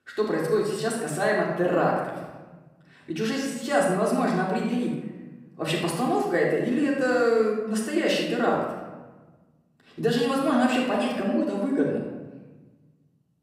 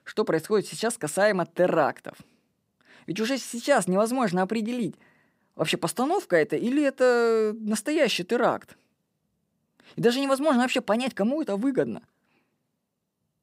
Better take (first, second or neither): second